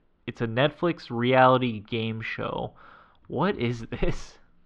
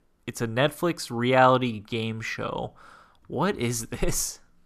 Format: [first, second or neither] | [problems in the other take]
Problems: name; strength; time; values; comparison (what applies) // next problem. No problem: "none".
second | muffled; very; fading above 3.5 kHz